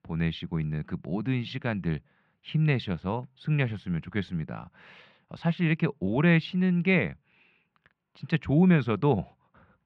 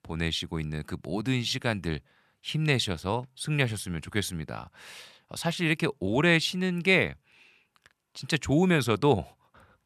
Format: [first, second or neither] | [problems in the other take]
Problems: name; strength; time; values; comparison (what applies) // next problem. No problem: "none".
second | muffled; slightly; fading above 3 kHz